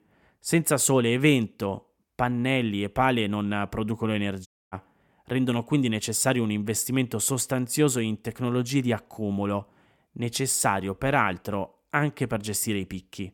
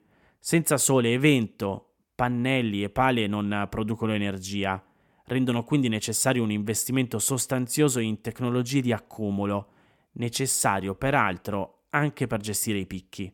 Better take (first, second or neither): second